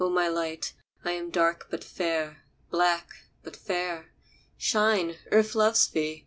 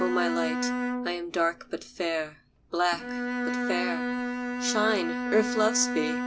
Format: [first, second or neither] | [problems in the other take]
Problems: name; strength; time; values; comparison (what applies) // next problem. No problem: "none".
first | background sound (Bowed string instrument); 2 dB below the speech